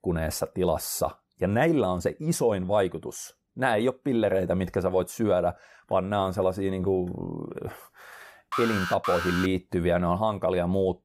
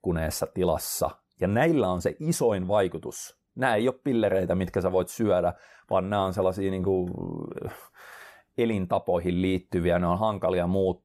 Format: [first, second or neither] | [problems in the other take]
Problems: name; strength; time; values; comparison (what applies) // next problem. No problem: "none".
second | alarm; noticeable; at 8.5 s; peak 3 dB below the speech